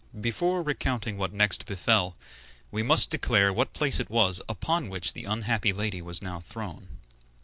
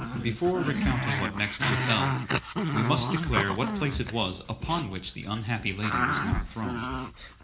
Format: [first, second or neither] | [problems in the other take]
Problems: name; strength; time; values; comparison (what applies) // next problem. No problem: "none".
first | background sound (Growling); as loud as the speech // room echo; dies away in 0.4 s